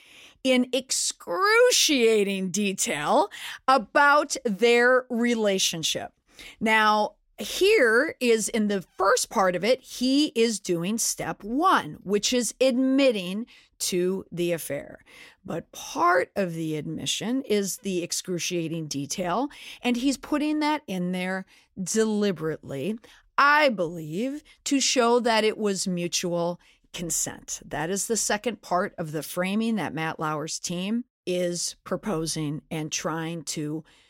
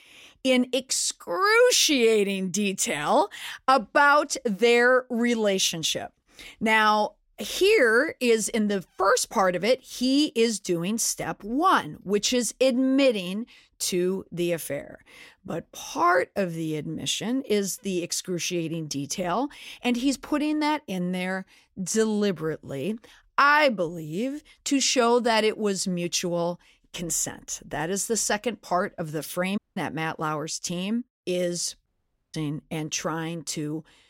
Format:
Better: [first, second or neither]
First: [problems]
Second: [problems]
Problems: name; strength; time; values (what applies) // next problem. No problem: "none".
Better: first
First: none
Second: audio cutting out; at 30 s and at 32 s